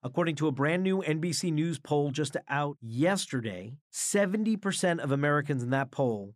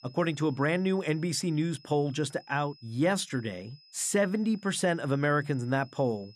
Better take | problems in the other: first | high-pitched whine; faint; throughout; 5 kHz, 25 dB below the speech

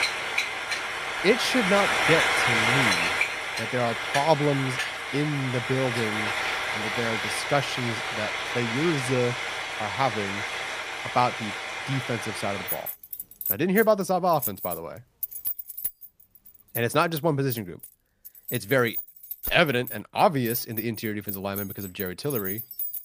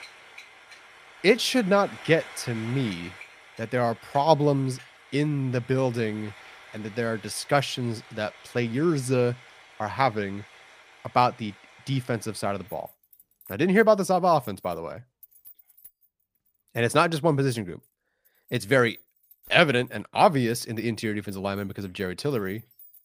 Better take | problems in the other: second | household noises; loud; throughout; 1 dB below the speech; faint in the second

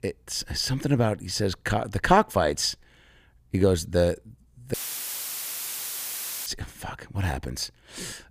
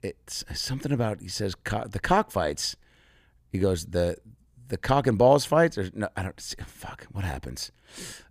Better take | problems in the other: second | audio cutting out; filled with static; at 4.5 s for 1.5 s

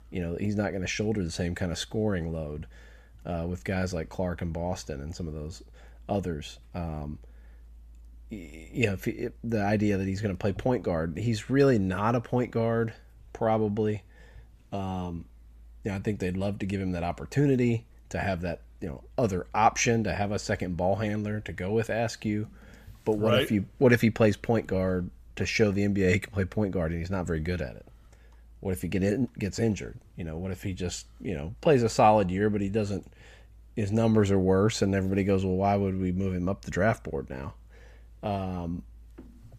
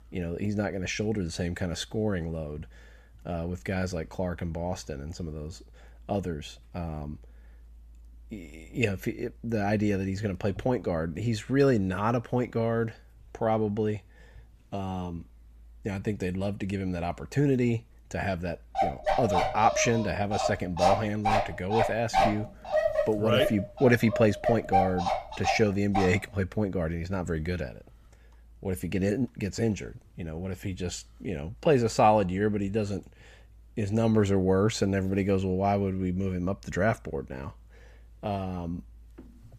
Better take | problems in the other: first | dog barking; loud; from 19 to 26 s; peak 3 dB above the speech

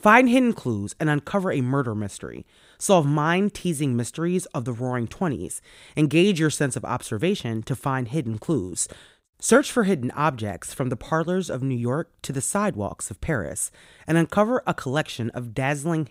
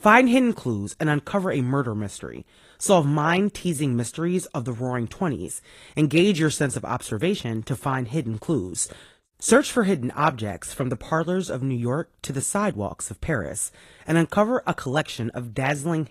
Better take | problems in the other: first | garbled, watery; slightly

